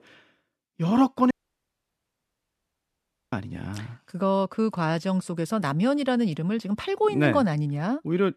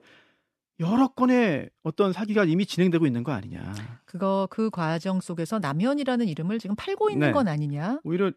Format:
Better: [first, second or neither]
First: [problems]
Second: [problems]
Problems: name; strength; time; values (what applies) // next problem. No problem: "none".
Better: second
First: audio cutting out; at 1.5 s for 2 s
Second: none